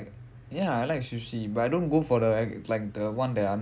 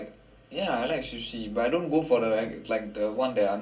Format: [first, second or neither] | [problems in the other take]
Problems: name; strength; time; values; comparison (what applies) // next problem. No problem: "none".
first | room echo; dies away in 0.2 s